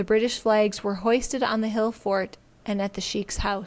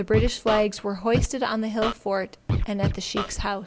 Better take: first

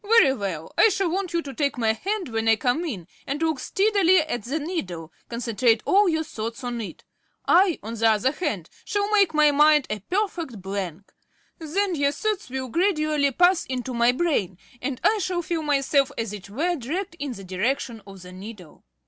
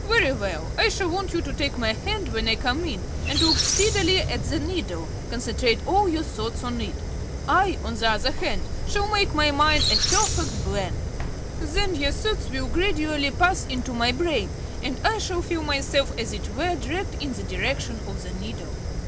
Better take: first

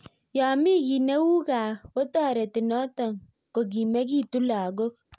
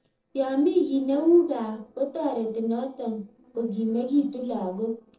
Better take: first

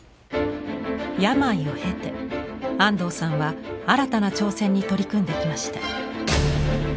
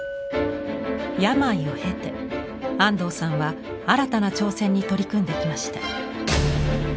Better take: first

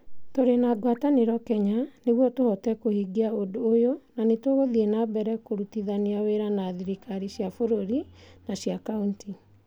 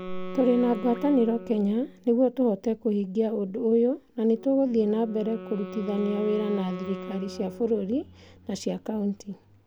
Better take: first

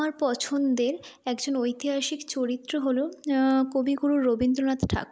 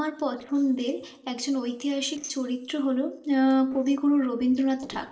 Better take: first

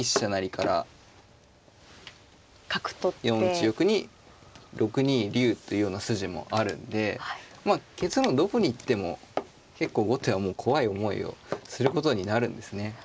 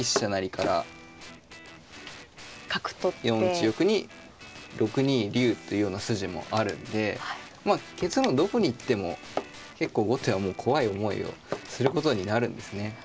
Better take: first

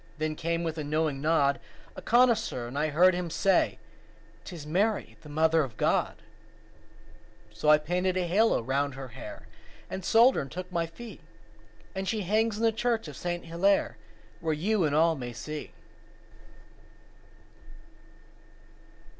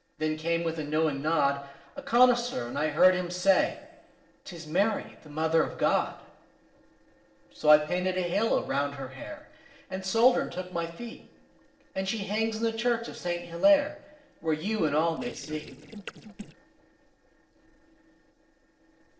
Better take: first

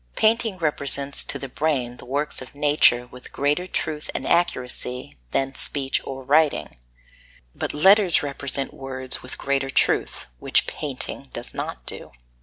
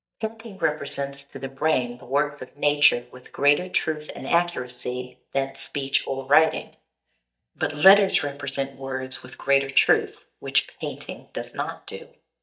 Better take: first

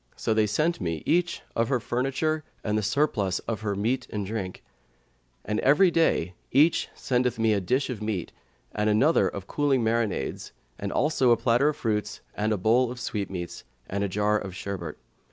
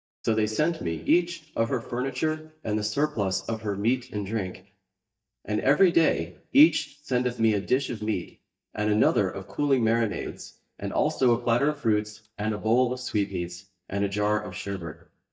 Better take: first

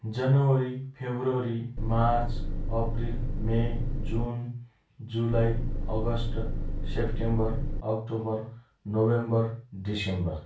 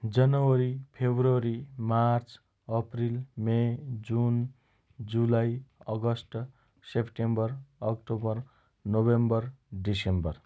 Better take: second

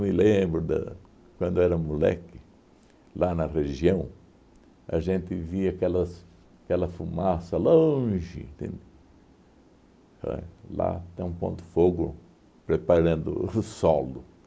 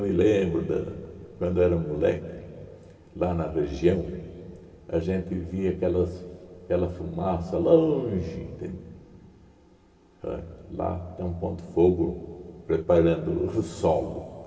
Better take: first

